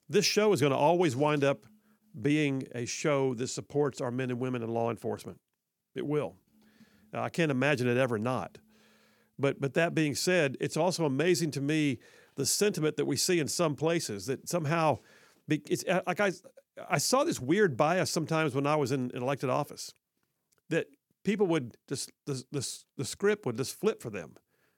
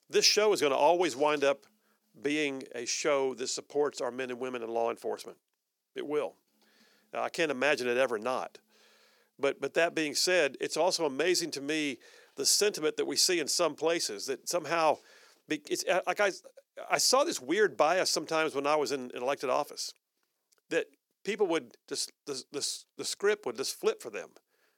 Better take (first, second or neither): first